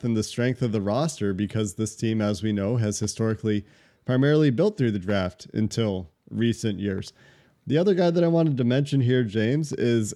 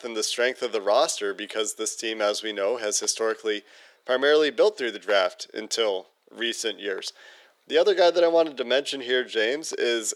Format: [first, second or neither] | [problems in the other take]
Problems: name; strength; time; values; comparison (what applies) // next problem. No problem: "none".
first | thin; very; fading below 450 Hz